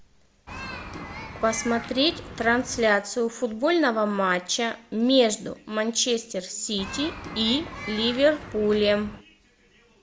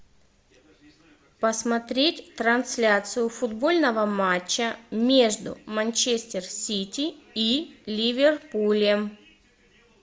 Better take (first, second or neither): second